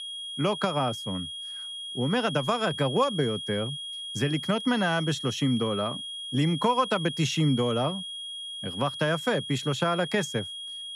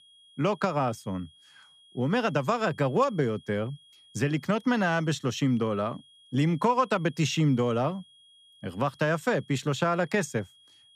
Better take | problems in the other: second | high-pitched whine; loud; throughout; 3.5 kHz, 7 dB below the speech; faint in the second

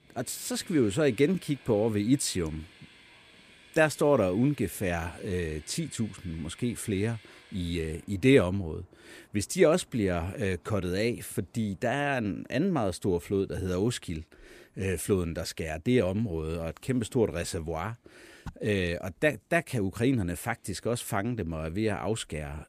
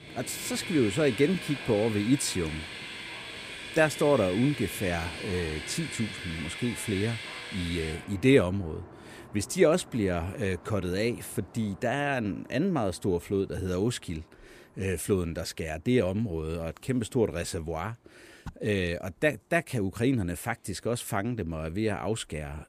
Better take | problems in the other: first | train or aircraft noise; loud; throughout; 10 dB below the speech; faint in the first

